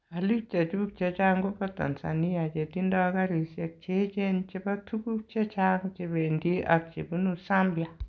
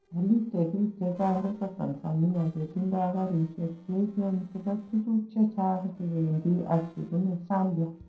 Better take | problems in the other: first | noise reduction (neural separator model SepFormer DNS4)

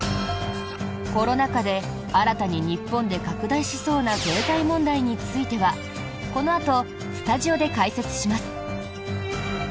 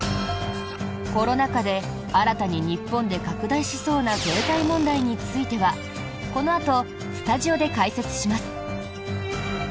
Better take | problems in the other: first | background sound (Tools); 13 dB below the speech

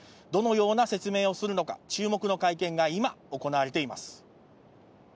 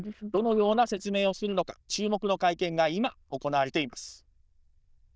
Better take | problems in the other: first | noise reduction (neural diffusion model UNIVERSE++)

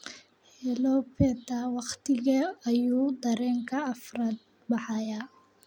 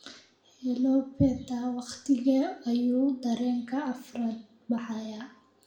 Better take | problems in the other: first | room echo; dies away in 0.5 s

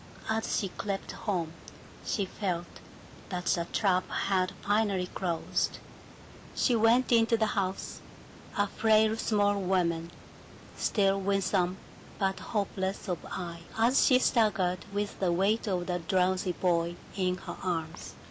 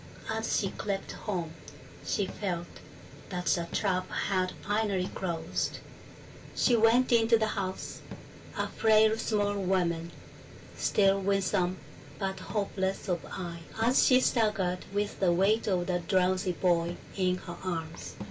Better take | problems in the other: first | background sound (Cupboard open or close / Drawer open or close); 19 dB below the speech // room echo; dies away in 0.2 s

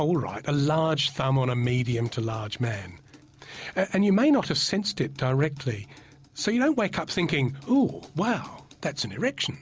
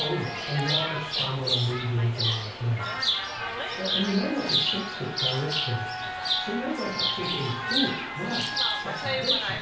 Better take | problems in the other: first | background sound (Chirp, tweet); 2 dB above the speech // room echo; dies away in 0.6 s

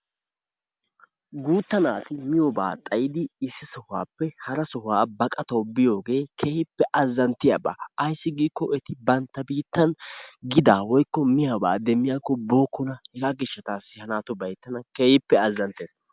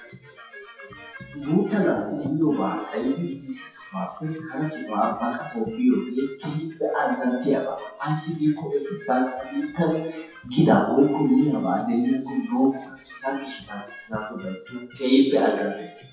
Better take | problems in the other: first | noise reduction (classical method WPE with log-MMSE)

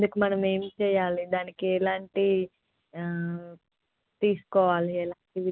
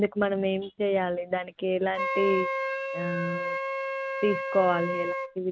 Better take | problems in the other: first | background sound (Wind instrument, woodwind instrument); 4 dB below the speech

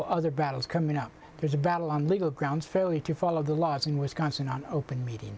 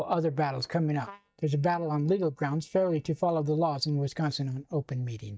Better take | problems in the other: first | noise reduction (neural mask model DeepFilterNet 3)

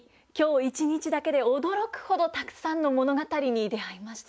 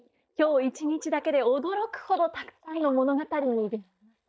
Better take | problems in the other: first | noise reduction (neural mask model DeepFilterNet 3)

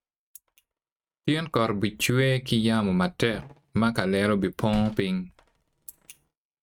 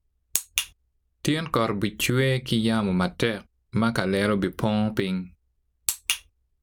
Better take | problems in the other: second | noise reduction (neural mask model RNNoise)

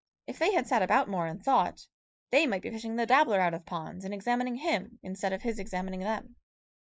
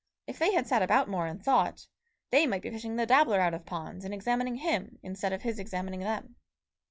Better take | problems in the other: second | noise reduction (neural mask model Resemble Enhance denoiser)

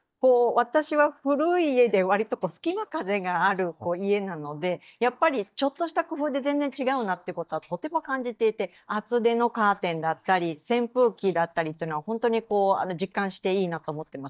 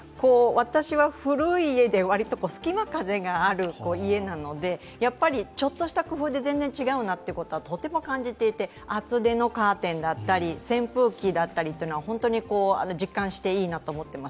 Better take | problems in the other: second | noise reduction (neural mask model DeepFilterNet 3)

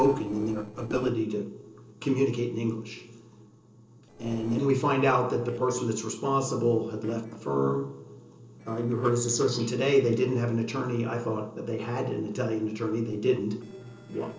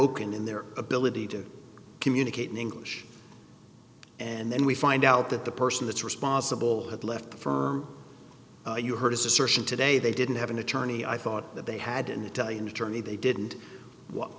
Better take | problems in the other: second | noise reduction (neural separator model SepFormer DNS4)

